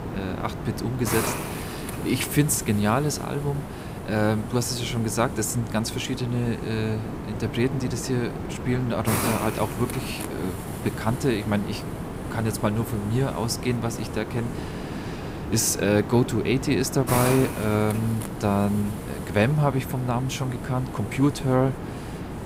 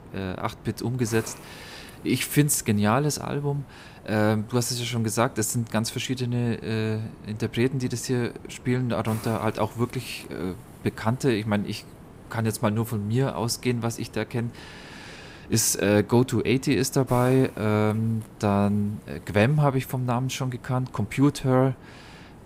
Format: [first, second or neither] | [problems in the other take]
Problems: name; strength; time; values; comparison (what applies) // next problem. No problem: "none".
second | hiss; loud; throughout; 7 dB below the speech; faint in the second